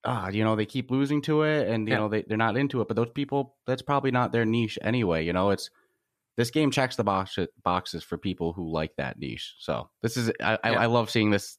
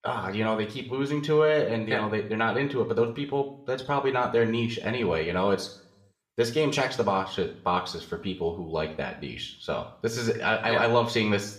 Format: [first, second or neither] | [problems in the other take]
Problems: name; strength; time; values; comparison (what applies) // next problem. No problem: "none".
first | room echo; very slight; dies away in 0.5 s